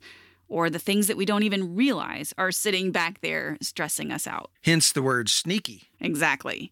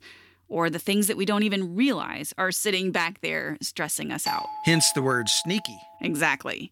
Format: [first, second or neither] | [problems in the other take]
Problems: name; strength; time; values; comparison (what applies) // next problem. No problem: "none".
first | doorbell; noticeable; from 4.5 to 5.5 s; peak 5 dB below the speech